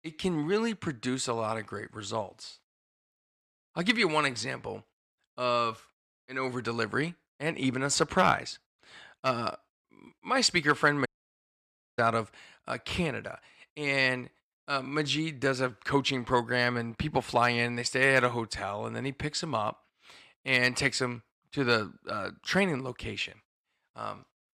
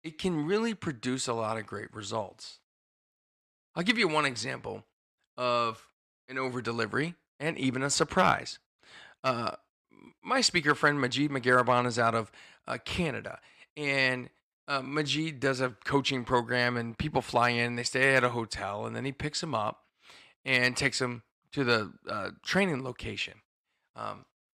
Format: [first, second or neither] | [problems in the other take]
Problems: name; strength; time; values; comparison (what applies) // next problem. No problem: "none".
second | audio cutting out; at 11 s for 1 s